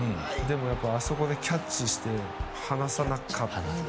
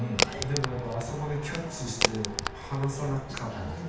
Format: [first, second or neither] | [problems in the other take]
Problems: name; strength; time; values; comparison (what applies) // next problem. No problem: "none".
first | background sound (Crack); 2 dB below the speech // room echo; dies away in 0.8 s